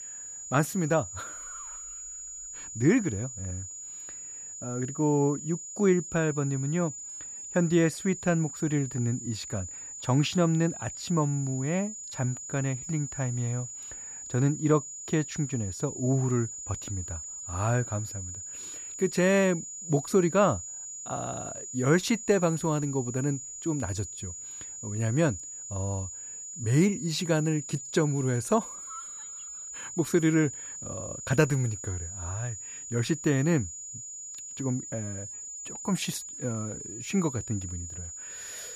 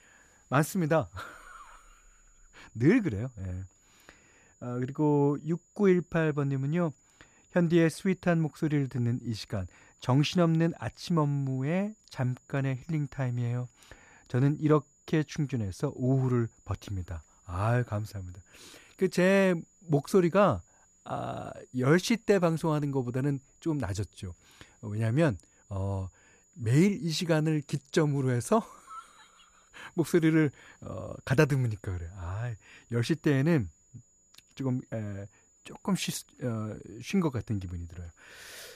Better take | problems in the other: second | high-pitched whine; loud; throughout; 7 kHz, 9 dB below the speech; faint in the second

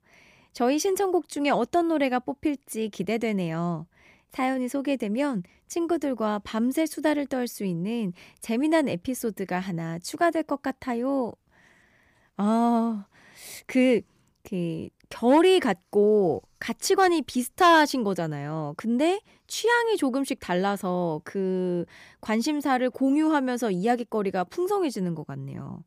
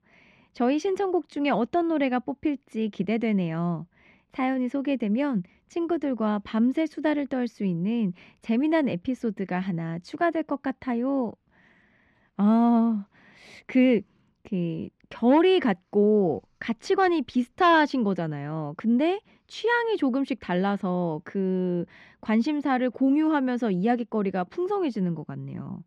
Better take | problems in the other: first | muffled; slightly; fading above 3 kHz

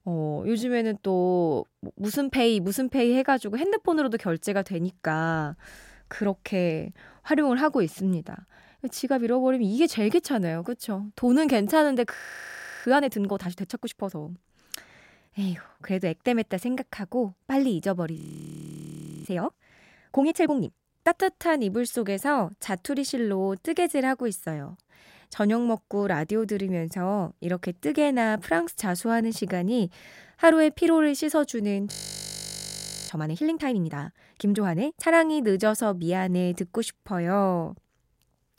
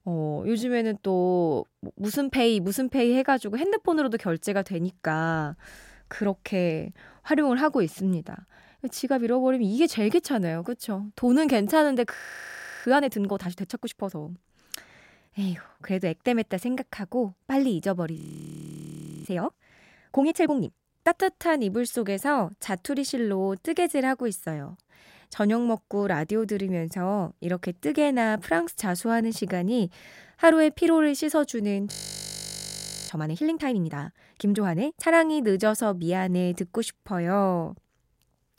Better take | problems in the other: neither | audio freezing; at 12 s for 0.5 s, at 18 s for 1 s and at 32 s for 1 s; the same in both

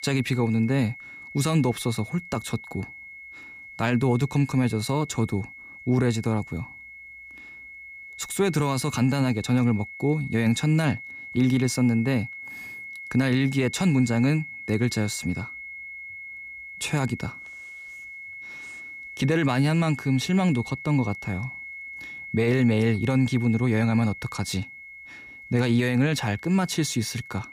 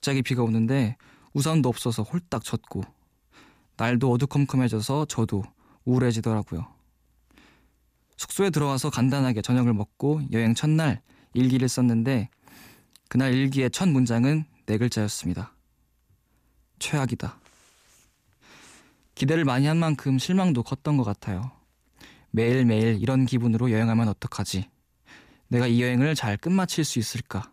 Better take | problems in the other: second | high-pitched whine; noticeable; throughout; 2 kHz, 15 dB below the speech

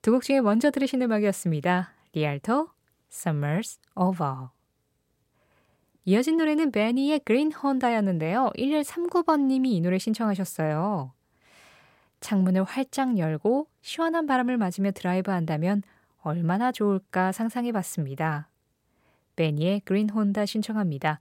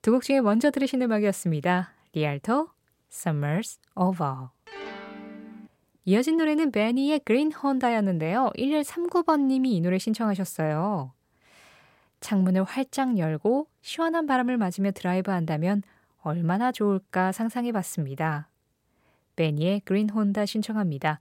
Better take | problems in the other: first | phone ringing; faint; from 4.5 to 5.5 s; peak 15 dB below the speech

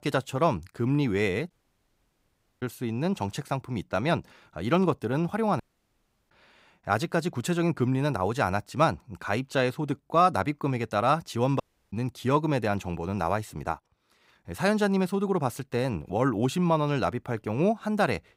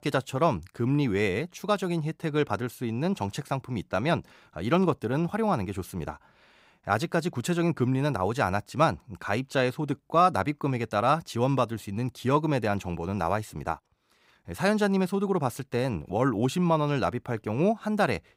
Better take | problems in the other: second | audio cutting out; at 1.5 s for 1 s, at 5.5 s for 0.5 s and at 12 s

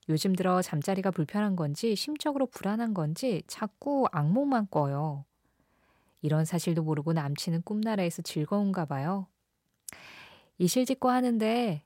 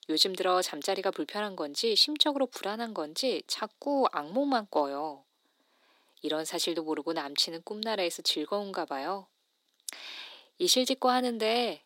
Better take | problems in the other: first | thin; somewhat; fading below 250 Hz

